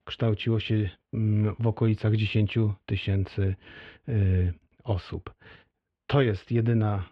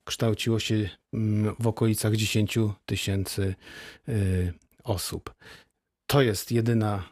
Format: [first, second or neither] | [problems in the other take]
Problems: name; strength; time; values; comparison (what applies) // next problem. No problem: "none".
second | muffled; very; fading above 3 kHz